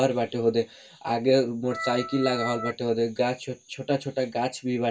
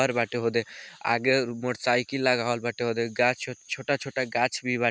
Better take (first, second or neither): second